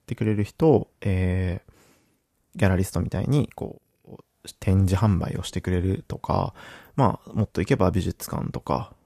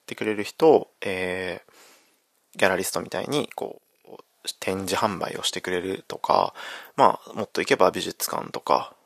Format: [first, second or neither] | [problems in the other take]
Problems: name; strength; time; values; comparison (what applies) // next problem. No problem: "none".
first | thin; very; fading below 500 Hz